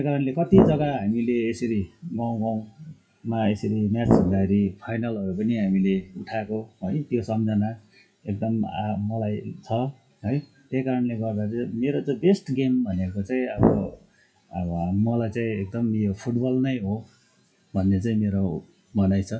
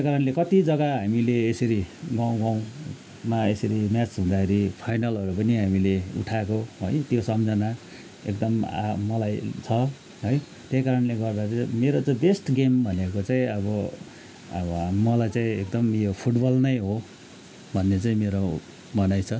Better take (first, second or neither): second